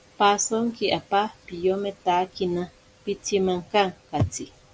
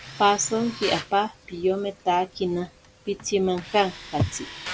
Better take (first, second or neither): first